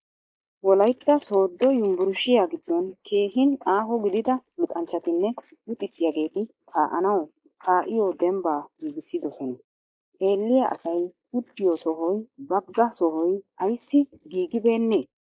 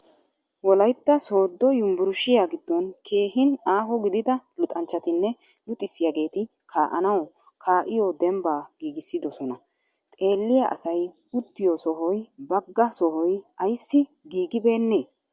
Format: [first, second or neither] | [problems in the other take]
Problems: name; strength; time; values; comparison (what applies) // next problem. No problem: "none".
second | noise reduction (neural mask model Resemble Enhance denoiser)